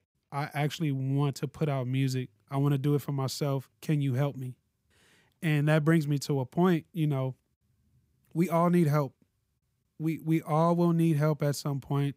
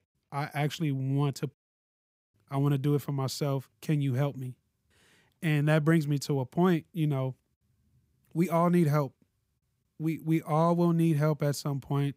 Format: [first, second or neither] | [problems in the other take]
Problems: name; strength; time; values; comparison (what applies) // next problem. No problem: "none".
first | audio cutting out; at 1.5 s for 1 s